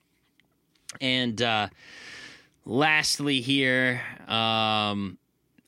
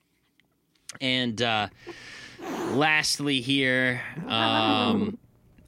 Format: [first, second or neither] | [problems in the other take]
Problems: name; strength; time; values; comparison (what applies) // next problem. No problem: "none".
first | hiss; loud; from 1.5 s on; 6 dB below the speech